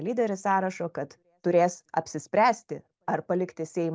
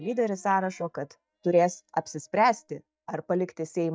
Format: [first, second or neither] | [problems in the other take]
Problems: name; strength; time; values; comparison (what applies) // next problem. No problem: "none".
first | noise reduction (neural mask model DeepFilterNet 3)